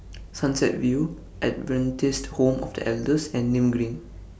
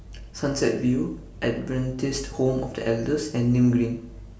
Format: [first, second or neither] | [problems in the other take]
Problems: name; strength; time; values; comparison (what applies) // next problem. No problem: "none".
first | room echo; dies away in 0.6 s